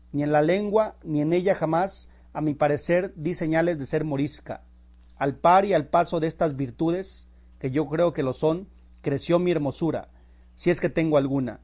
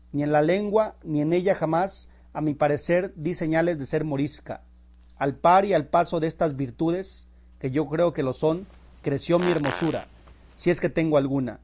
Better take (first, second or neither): first